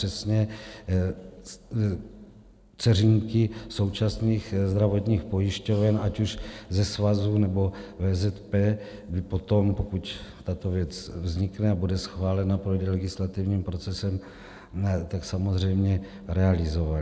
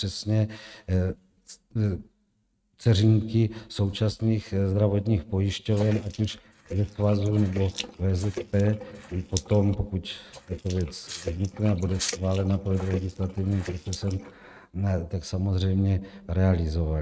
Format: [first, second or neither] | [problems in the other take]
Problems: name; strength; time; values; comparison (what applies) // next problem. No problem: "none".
first | noise reduction (neural mask model RNNoise)